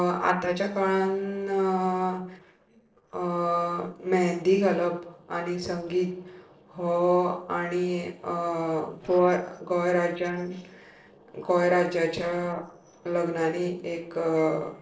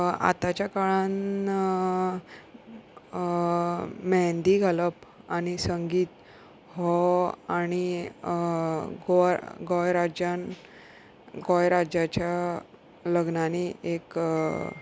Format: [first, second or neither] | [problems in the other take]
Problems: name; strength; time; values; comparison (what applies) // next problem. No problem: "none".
second | noise reduction (neural separator model SepFormer DNS4)